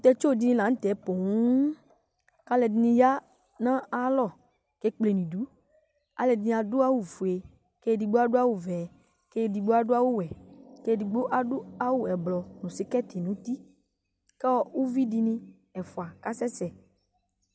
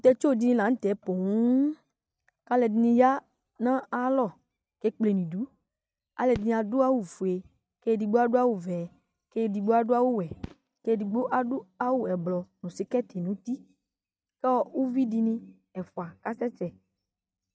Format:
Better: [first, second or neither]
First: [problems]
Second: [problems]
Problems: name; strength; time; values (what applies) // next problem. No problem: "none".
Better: first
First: none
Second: noise reduction (neural mask model RNNoise)